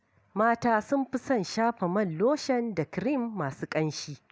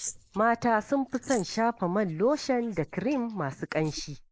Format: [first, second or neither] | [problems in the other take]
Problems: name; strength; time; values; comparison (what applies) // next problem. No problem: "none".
first | noise reduction (neural mask model Resemble Enhance denoiser)